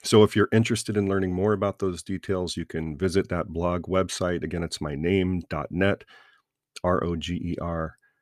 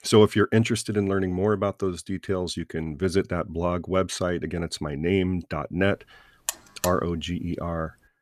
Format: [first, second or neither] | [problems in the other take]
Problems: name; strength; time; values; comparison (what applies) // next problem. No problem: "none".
first | alarm; noticeable; at 6.5 s; peak 4 dB below the speech